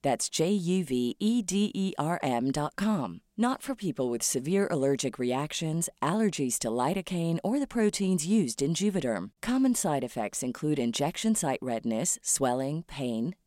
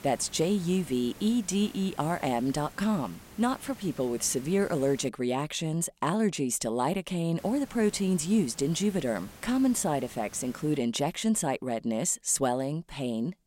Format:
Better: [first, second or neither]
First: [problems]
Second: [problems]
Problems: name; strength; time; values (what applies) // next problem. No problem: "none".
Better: first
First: none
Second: hiss; noticeable; until 5 s and from 7.5 to 11 s; 20 dB below the speech